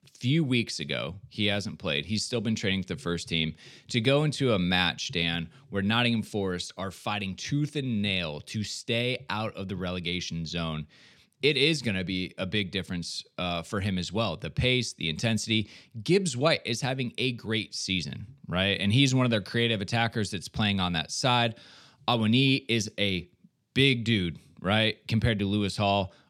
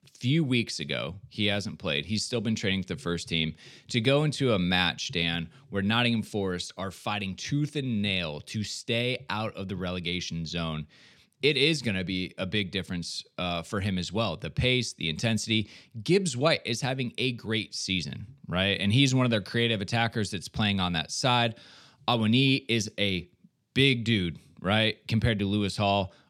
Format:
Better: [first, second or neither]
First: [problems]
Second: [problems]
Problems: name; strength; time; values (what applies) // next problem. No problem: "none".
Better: neither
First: none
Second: none